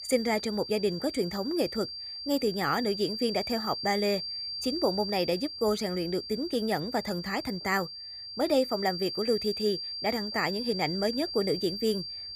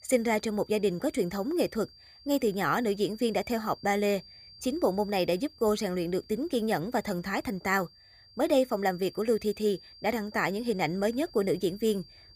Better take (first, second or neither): second